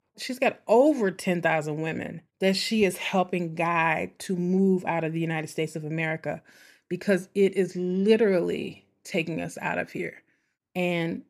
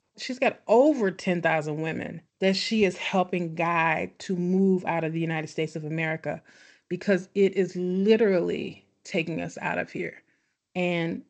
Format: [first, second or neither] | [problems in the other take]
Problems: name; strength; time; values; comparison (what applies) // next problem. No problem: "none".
first | garbled, watery; slightly; nothing above 8 kHz